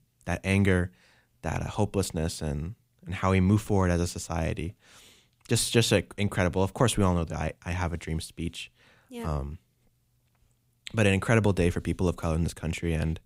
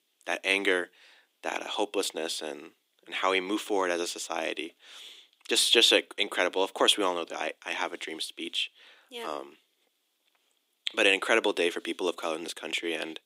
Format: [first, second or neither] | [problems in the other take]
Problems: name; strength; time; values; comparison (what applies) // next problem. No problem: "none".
first | thin; very; fading below 300 Hz